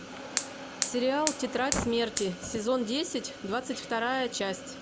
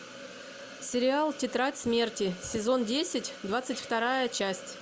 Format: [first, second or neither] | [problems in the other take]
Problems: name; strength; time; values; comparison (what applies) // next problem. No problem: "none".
second | background sound (Fire); 6 dB below the speech